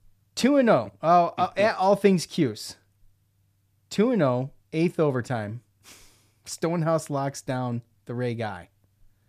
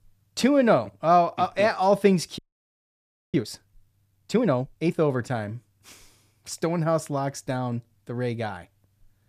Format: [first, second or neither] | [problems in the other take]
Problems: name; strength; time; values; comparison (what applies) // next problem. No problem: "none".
first | audio freezing; at 2.5 s for 1 s